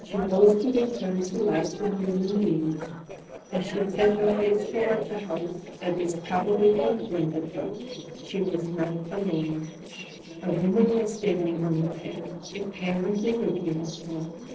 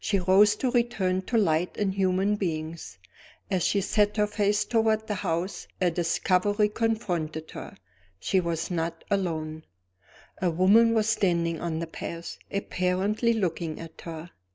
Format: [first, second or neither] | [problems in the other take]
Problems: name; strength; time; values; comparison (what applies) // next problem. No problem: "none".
second | noise reduction (neural separator model SepFormer DNS4)